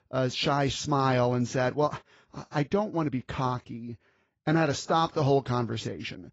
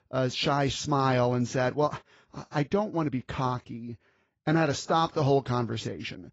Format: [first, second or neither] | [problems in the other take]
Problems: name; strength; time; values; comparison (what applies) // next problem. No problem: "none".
neither | garbled, watery; badly; nothing above 7.5 kHz; the same in both